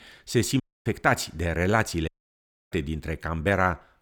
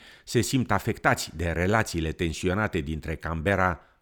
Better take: second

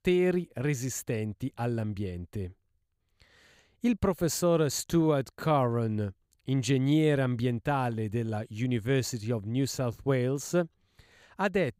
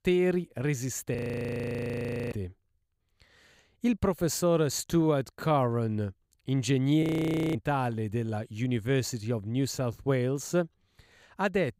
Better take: first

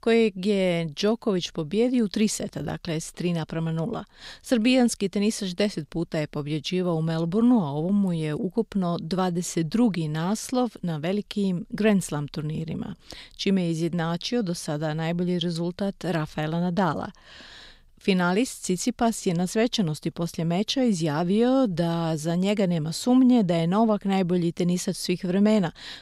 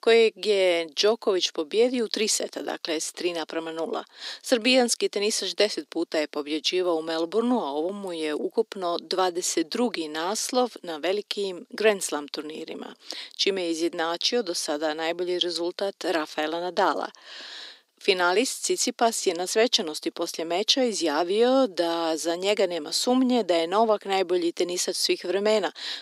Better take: first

